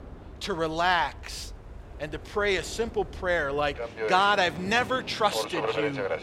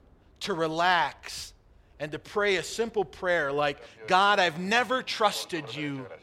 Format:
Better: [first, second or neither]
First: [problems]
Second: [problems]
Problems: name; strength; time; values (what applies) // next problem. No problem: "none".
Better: second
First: train or aircraft noise; loud; throughout; 9 dB below the speech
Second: train or aircraft noise; faint; throughout; 25 dB below the speech